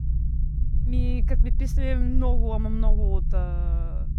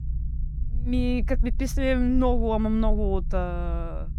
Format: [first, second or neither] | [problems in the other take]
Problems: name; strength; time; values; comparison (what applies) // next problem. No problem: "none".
second | low rumble; loud; throughout; 9 dB below the speech; faint in the second